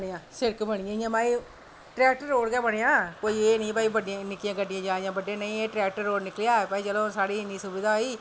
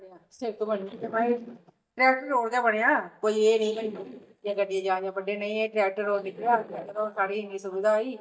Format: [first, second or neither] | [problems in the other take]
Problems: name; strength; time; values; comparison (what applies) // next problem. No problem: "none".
first | noise reduction (neural mask model DeepFilterNet 3)